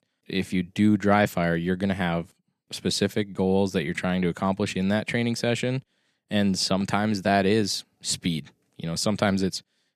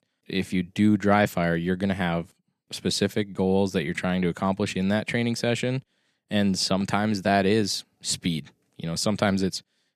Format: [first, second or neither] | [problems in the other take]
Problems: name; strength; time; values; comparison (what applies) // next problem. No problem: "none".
neither | none